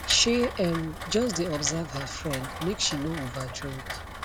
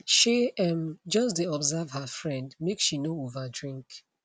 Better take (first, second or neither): second